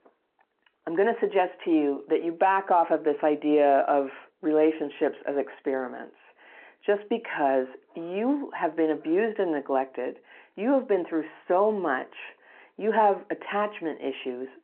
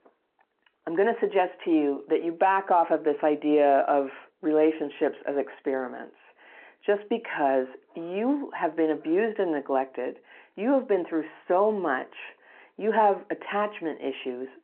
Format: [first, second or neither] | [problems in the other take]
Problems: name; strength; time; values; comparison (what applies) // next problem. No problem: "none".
neither | phone-call audio; the same in both